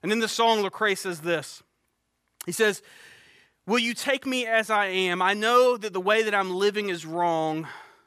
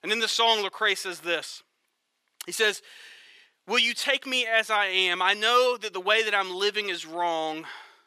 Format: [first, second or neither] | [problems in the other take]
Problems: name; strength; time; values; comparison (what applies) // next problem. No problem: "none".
first | thin; somewhat; fading below 350 Hz